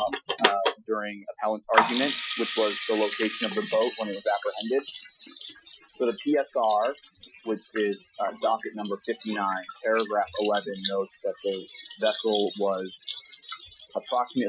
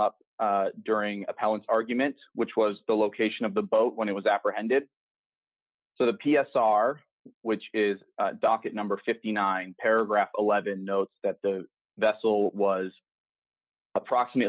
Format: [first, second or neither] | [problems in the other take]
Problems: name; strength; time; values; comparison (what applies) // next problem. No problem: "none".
second | noise reduction (classical method Wiener filter)